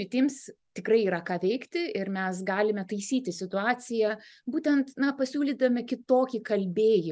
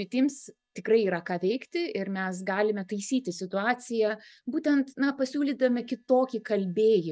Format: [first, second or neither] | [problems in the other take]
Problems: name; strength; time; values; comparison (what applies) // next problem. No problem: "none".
first | noise reduction (neural mask model DeepFilterNet 3)